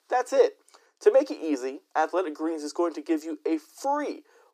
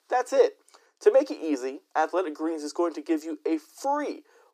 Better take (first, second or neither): neither